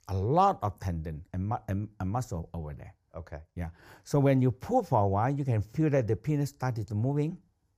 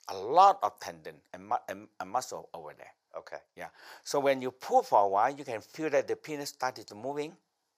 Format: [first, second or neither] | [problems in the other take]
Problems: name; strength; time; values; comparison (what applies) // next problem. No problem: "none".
first | thin; very; fading below 650 Hz